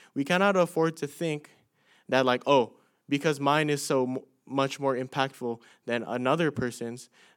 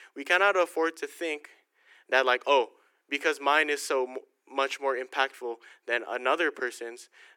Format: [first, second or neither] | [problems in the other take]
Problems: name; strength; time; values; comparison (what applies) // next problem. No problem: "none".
first | thin; very; fading below 350 Hz